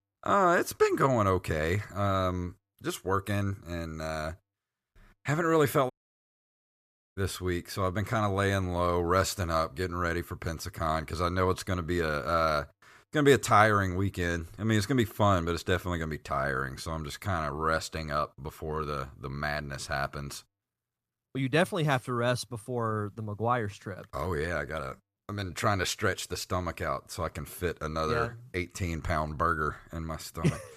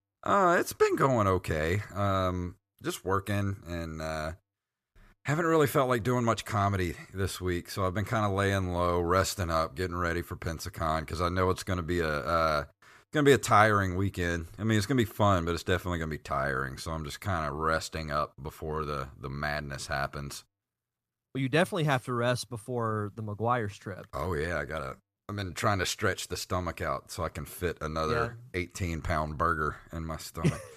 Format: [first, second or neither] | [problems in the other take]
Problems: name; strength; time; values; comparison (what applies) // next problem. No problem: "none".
second | audio cutting out; at 6 s for 1.5 s